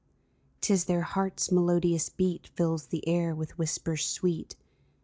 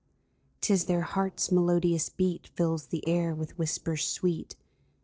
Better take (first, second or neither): first